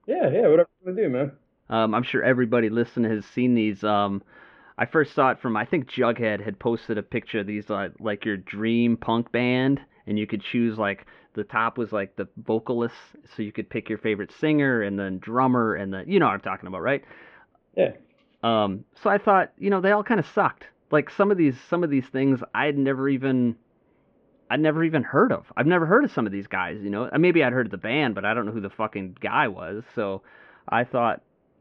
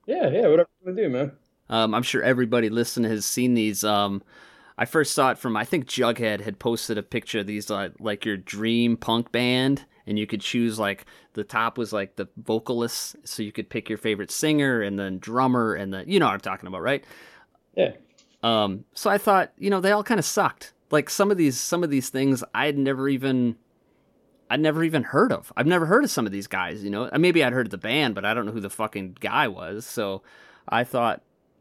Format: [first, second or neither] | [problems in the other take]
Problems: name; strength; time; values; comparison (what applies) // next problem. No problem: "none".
second | muffled; very; fading above 2.5 kHz